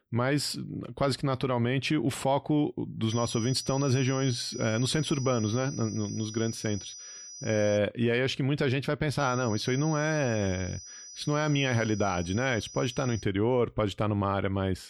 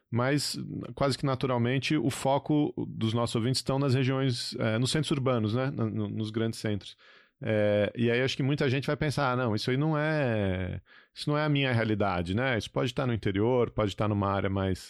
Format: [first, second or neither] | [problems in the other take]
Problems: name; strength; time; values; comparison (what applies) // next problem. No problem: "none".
second | high-pitched whine; noticeable; from 3 to 8 s and from 9 to 13 s; 6 kHz, 15 dB below the speech